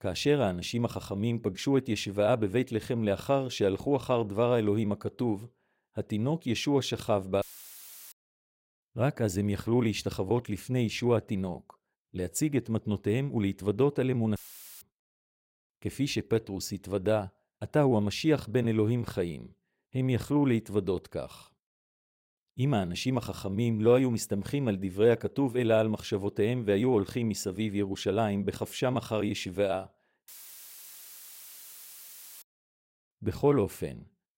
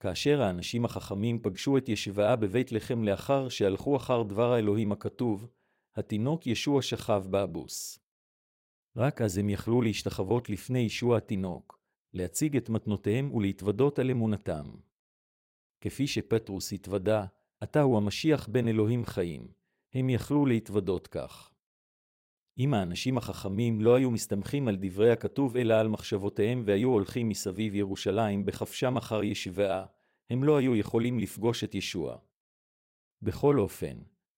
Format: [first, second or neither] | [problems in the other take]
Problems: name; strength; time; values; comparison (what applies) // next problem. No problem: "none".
second | audio cutting out; filled with static; at 7.5 s for 0.5 s, at 14 s and at 30 s for 2 s